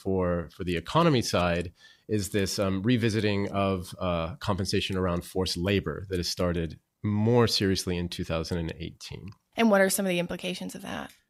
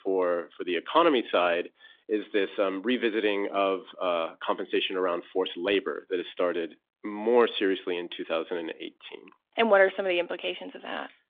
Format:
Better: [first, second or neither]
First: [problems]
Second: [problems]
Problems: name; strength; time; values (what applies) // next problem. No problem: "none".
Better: first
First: none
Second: phone-call audio; nothing above 3.5 kHz